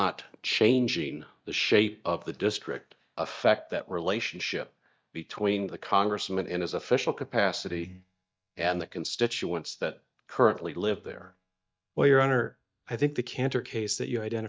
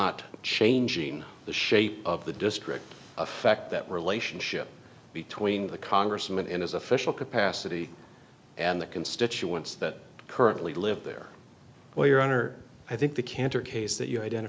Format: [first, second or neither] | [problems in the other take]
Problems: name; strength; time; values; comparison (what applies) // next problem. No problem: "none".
second | noise reduction (neural mask model DeepFilterNet 3)